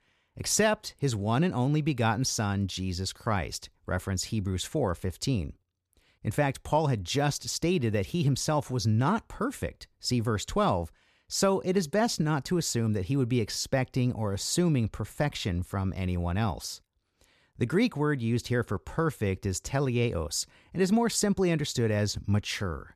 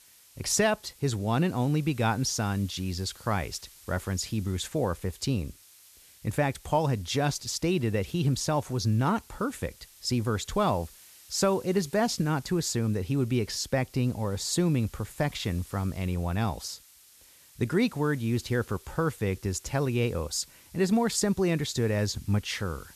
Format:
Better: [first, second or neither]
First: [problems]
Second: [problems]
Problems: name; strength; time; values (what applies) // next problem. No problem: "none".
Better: first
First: none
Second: hiss; faint; throughout; 25 dB below the speech